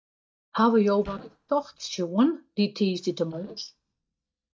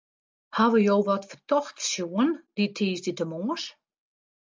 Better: second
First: noise reduction (neural mask model DeepFilterNet 3)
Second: none

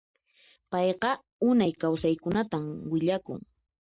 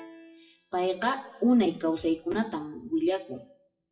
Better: first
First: none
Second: noise reduction (classical method WPE with log-MMSE)

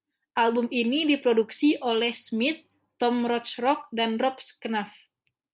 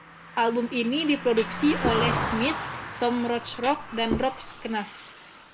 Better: first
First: none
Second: background sound (Thump, thud + Car passing by); 6 dB below the speech

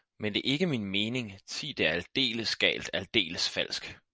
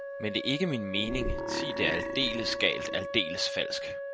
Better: first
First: none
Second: background sound (Wind instrument, woodwind instrument + Burping, eructation); 3 dB below the speech

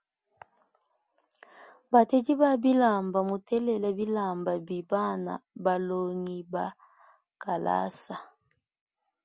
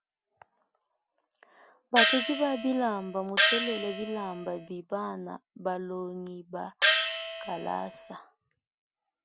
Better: first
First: none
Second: background sound (Gong); 5 dB above the speech

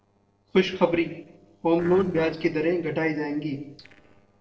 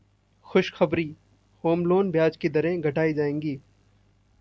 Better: second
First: noise reduction (neural separator model SepFormer DNS4)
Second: none

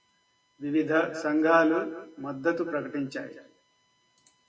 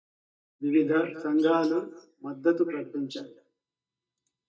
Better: first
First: none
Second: noise reduction (neural mask model DeepFilterNet 3)

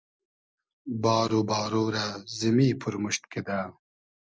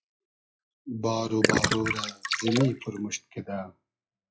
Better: first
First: none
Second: noise reduction (classical method WPE with log-MMSE)

